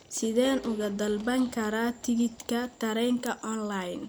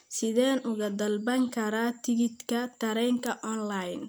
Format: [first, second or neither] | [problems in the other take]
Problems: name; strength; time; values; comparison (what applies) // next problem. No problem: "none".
second | background sound (Run + Dishes, pots, and pans); 19 dB below the speech